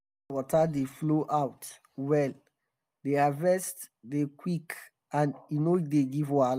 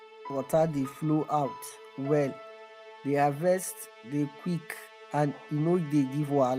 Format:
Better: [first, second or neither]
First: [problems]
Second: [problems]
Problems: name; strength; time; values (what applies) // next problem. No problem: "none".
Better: first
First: none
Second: background sound (Musical instrument + Piano); 17 dB below the speech